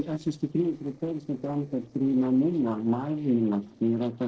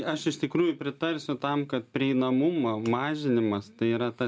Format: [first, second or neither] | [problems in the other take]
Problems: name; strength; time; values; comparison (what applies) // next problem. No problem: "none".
second | noise reduction (neural separator model SepFormer DNS4)